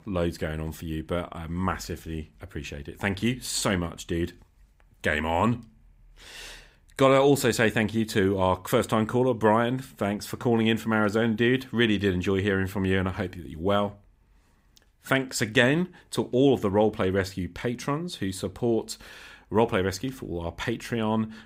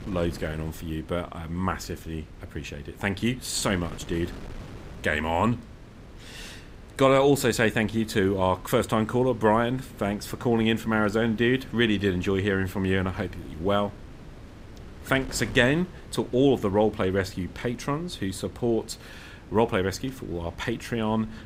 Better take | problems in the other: first | wind noise on the microphone; occasional gusts; 20 dB below the speech

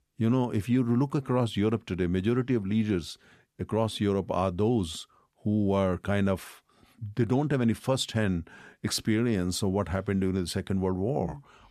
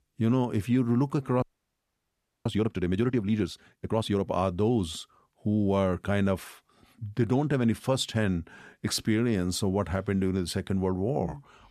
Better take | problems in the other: first | audio freezing; at 1.5 s for 1 s

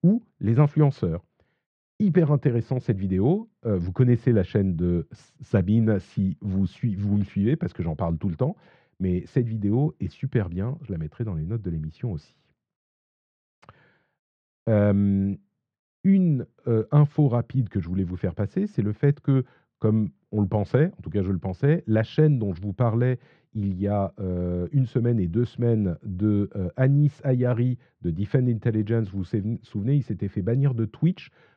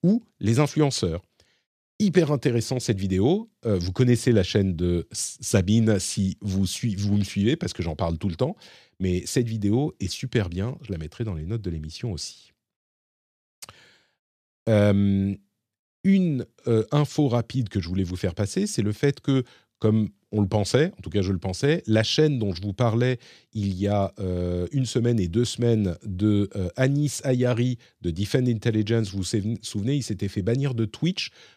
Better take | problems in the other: second | muffled; very; fading above 1.5 kHz

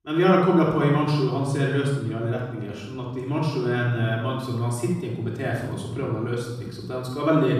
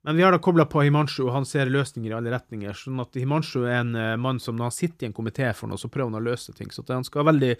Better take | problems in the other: second | off-mic speech; far // room echo; noticeable; dies away in 1.1 s

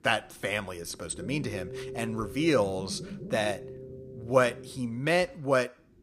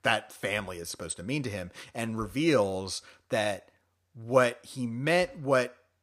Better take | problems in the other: second | low rumble; noticeable; throughout; 15 dB below the speech

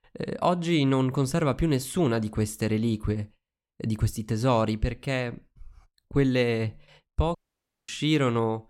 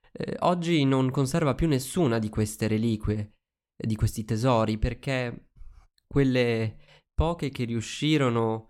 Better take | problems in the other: second | audio cutting out; at 7.5 s for 0.5 s

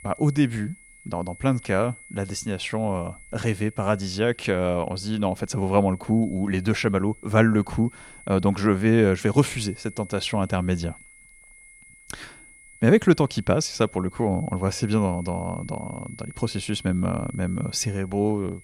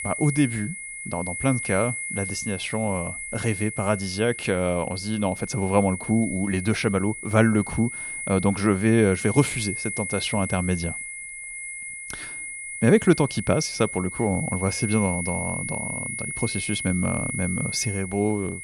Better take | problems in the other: first | high-pitched whine; loud; throughout; 2 kHz, 6 dB below the speech; faint in the first

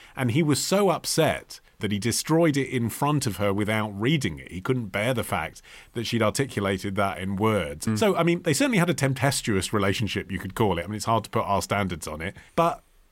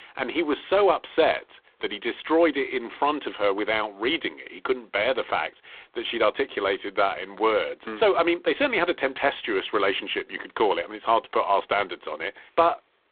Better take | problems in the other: first | phone-call audio; poor line

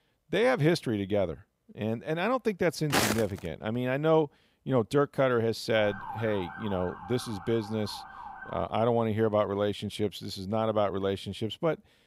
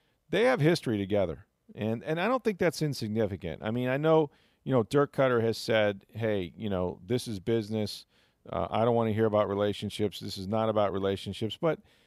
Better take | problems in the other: second | footsteps; loud; at 3 s; peak 2 dB above the speech // siren; faint; from 6 to 8.5 s; peak 10 dB below the speech

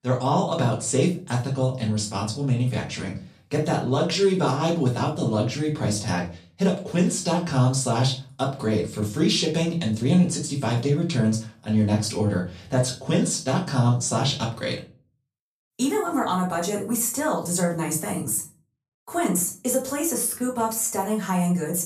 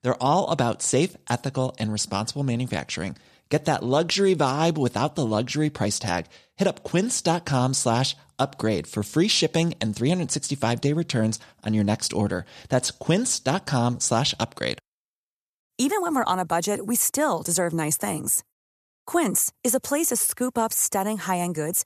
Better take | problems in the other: second | off-mic speech; far // room echo; slight; dies away in 0.3 s

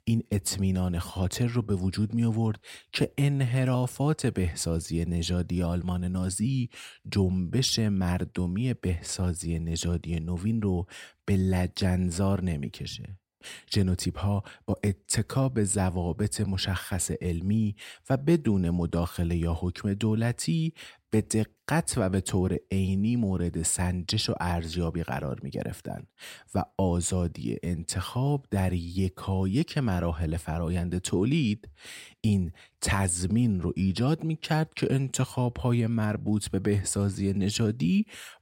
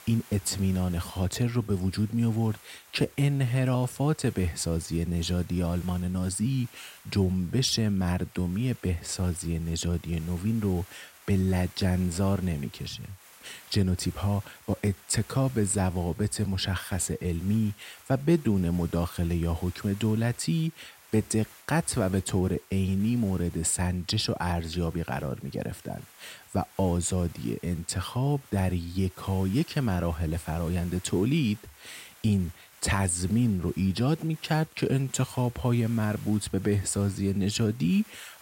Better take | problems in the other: first | hiss; faint; throughout; 20 dB below the speech

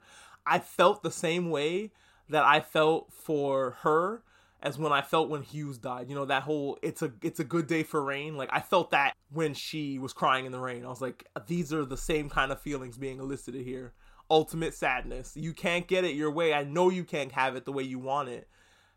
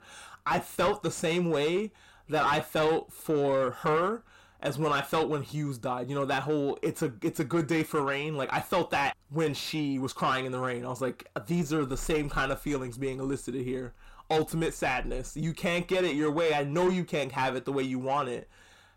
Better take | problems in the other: first | distortion; heavy; 7 dB below the speech

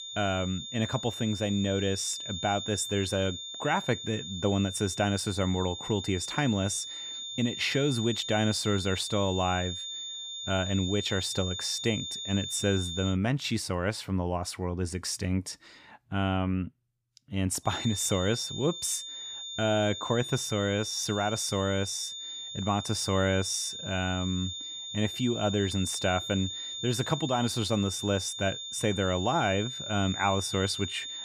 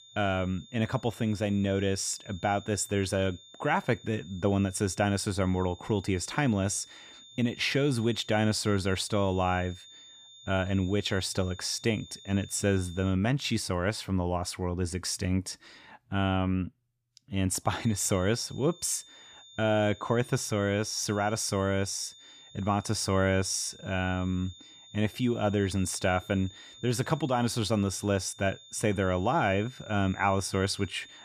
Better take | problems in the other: second | high-pitched whine; loud; until 13 s and from 18 s on; 3.5 kHz, 6 dB below the speech; faint in the second

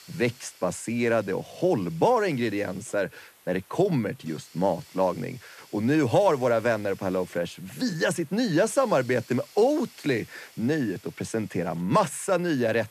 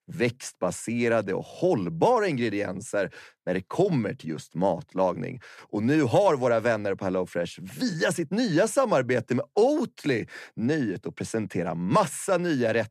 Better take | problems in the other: second | hiss; faint; throughout; 25 dB below the speech

